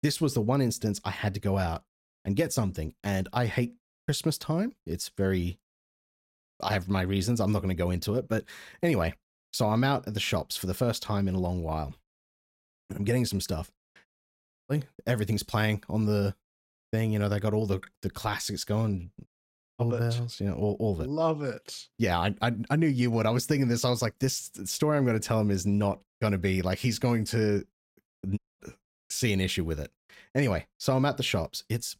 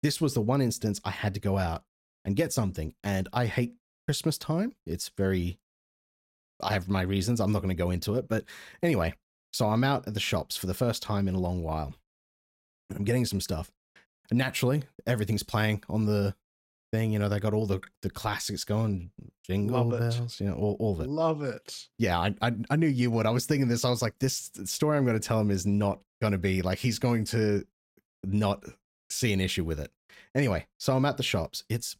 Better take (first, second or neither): second